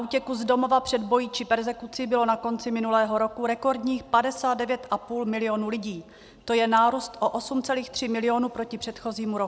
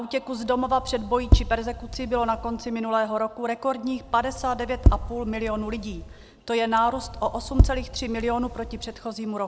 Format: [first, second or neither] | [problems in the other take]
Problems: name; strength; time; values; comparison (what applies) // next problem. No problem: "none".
first | background sound (Tap); as loud as the speech